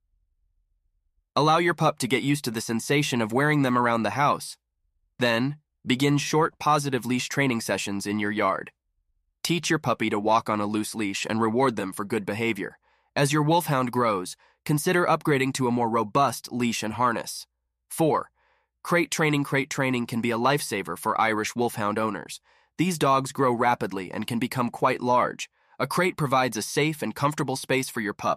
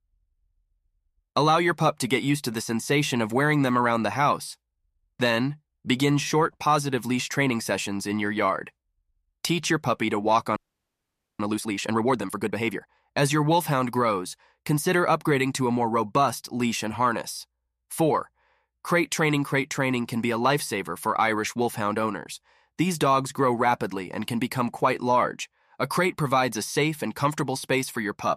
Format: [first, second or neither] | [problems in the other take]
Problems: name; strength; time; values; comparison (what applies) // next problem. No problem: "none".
first | audio freezing; at 11 s for 1 s